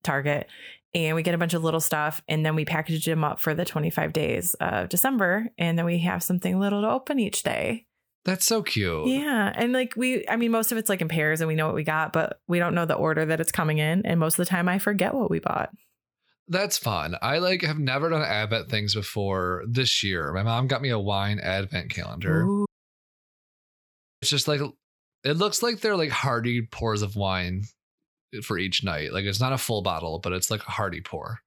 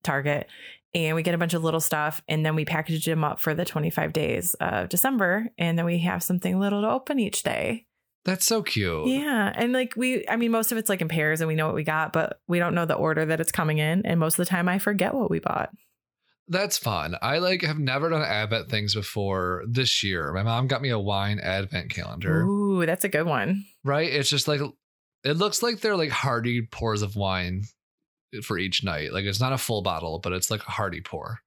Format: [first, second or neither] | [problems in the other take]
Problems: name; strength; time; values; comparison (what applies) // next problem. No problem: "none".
second | audio cutting out; at 23 s for 1.5 s